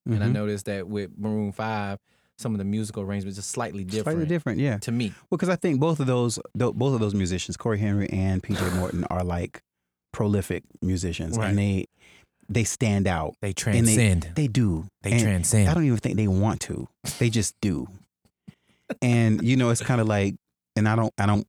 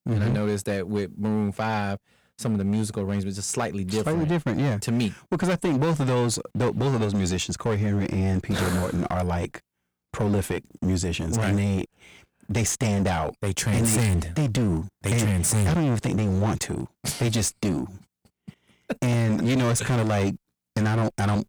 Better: first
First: none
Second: distortion; heavy; 16% of the sound clipped

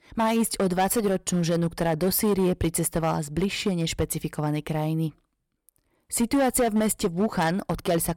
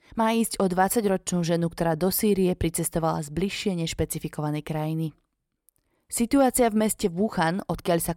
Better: second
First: distortion; slight; 7% of the sound clipped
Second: none

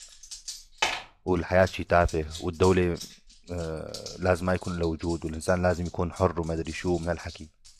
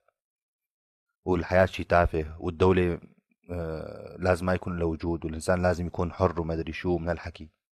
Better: second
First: household noises; noticeable; throughout; 10 dB below the speech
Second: none

